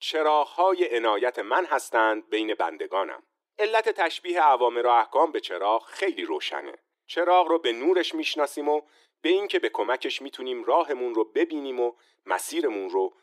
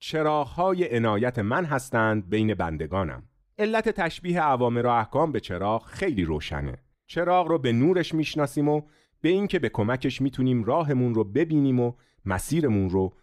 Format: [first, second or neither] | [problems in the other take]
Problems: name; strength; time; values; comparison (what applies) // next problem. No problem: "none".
second | thin; very; fading below 350 Hz